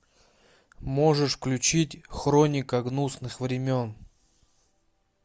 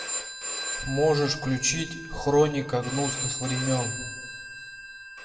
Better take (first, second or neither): first